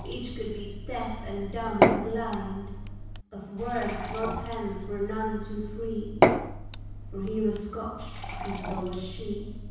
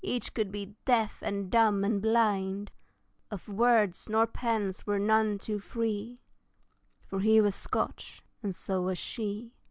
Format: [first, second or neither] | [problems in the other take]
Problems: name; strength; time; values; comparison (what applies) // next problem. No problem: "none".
second | background sound (Fill (with liquid) / Glass / Water); 3 dB above the speech // room echo; dies away in 1.1 s